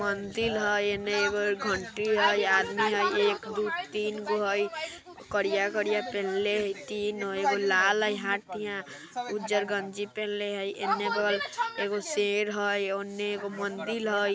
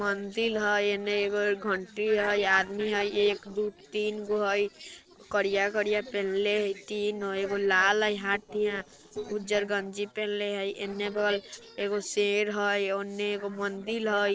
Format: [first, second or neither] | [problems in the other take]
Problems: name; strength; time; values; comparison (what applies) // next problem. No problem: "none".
first | noise reduction (neural separator model SepFormer DNS4)